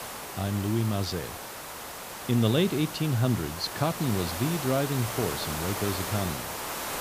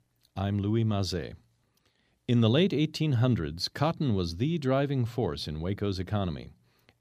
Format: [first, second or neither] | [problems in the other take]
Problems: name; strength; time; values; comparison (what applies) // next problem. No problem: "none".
second | hiss; loud; throughout; 6 dB below the speech